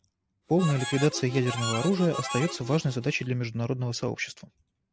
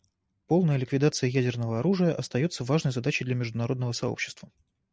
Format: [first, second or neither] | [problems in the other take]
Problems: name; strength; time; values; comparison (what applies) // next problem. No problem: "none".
second | background sound (Harmonica); 8 dB below the speech